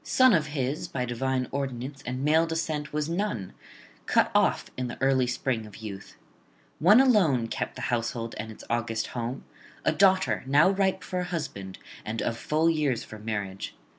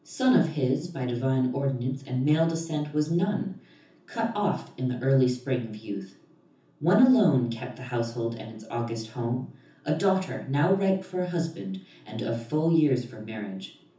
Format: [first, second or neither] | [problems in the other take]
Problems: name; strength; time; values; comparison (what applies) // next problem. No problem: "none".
first | room echo; dies away in 0.6 s